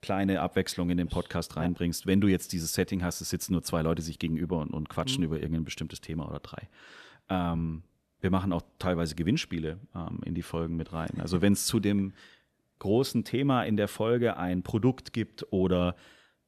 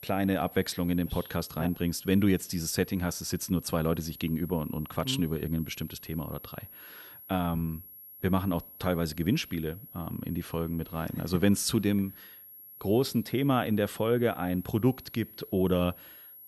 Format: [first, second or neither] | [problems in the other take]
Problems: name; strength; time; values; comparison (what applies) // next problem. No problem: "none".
first | high-pitched whine; noticeable; throughout; 11.5 kHz, 15 dB below the speech